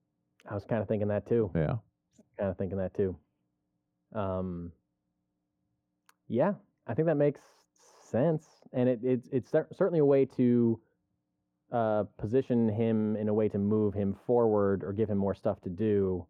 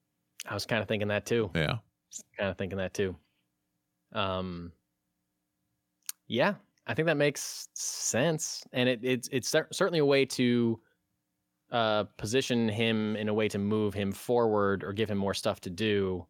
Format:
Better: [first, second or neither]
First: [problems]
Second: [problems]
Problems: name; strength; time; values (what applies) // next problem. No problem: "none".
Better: second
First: muffled; very; fading above 2 kHz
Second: none